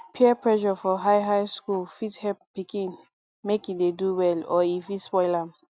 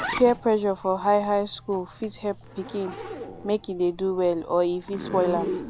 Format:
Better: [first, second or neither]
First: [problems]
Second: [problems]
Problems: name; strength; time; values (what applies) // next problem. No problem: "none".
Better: first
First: none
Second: background sound (Zipper (clothing)); 11 dB below the speech